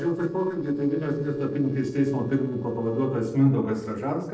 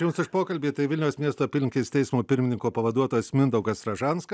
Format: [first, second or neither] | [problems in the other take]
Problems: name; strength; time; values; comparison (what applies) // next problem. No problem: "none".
second | noise reduction (neural separator model SepFormer DNS4)